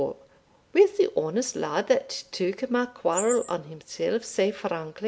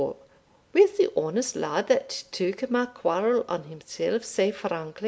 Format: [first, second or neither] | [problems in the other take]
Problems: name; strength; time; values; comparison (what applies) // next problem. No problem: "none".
second | background sound (Chirp, tweet); 13 dB below the speech